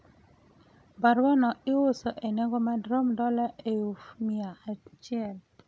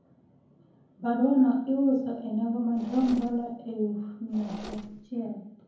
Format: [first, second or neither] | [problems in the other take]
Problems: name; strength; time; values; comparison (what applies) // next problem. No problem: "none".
first | background sound (Mechanisms); 17 dB below the speech // room echo; dies away in 0.7 s